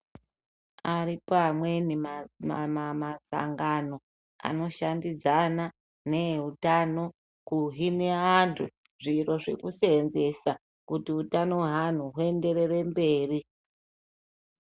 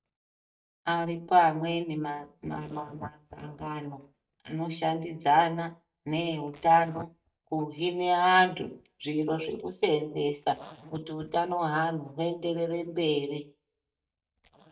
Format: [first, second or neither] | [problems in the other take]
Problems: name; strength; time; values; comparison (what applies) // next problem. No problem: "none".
first | noise reduction (neural mask model DeepFilterNet 3)